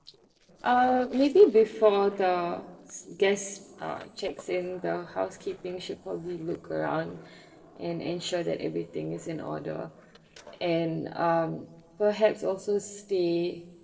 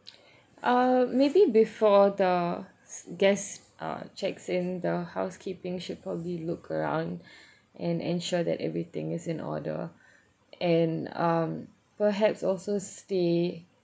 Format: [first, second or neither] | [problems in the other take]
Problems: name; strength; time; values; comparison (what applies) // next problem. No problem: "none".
second | noise reduction (neural separator model SepFormer DNS4)